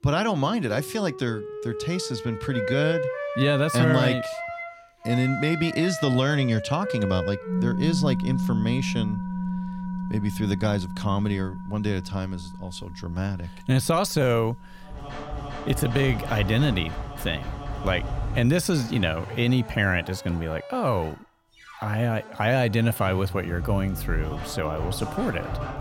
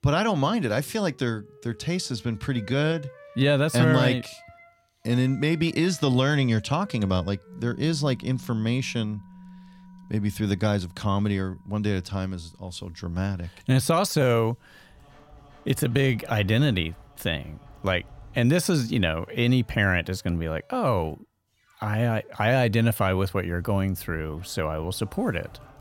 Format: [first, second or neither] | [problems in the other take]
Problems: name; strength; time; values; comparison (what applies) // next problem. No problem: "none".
second | background music; loud; throughout; 7 dB below the speech; faint in the second